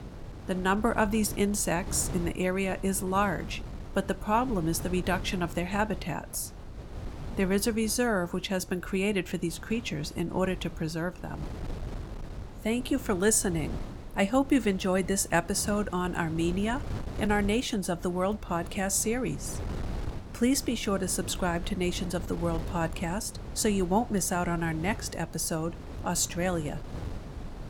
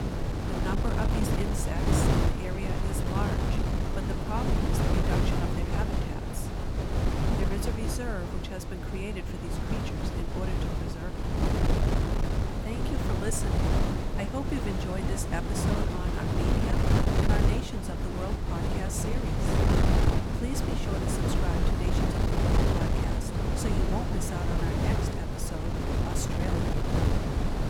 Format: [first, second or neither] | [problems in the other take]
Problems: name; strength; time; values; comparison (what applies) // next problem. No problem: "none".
first | wind noise on the microphone; heavy; 5 dB above the speech; occasional gusts in the first